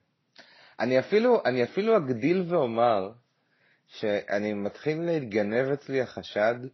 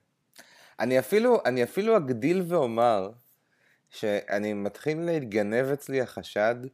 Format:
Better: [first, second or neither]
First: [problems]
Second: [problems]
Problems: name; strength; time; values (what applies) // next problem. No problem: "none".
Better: second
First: garbled, watery; slightly; nothing above 6 kHz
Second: none